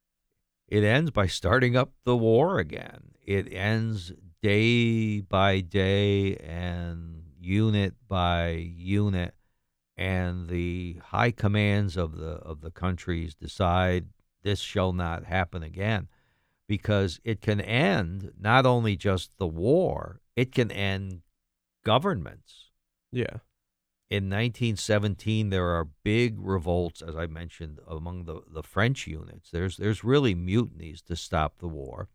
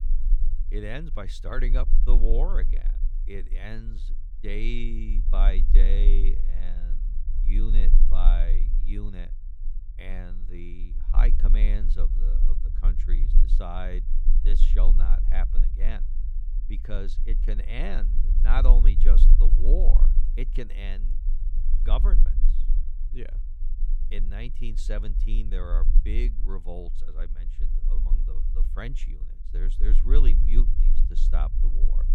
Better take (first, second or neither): first